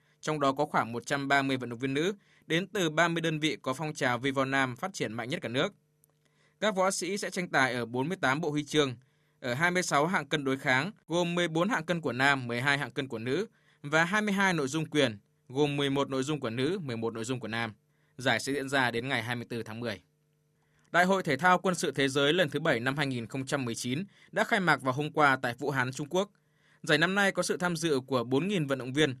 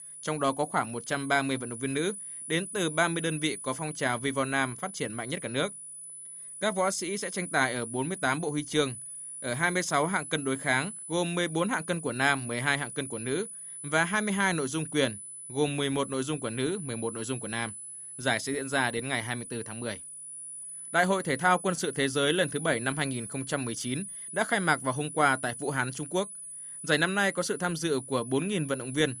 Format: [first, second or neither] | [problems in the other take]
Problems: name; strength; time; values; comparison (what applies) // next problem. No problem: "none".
first | high-pitched whine; loud; throughout; 10 kHz, 10 dB below the speech